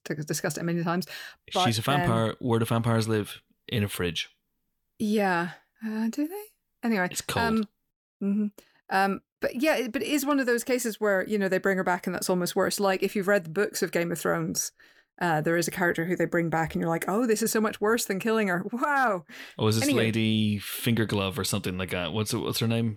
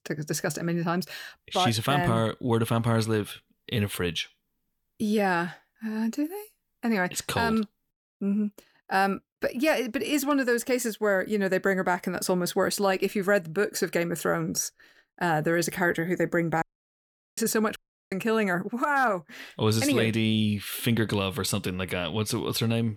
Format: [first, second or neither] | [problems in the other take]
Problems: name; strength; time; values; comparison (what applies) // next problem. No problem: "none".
first | audio cutting out; at 17 s for 1 s and at 18 s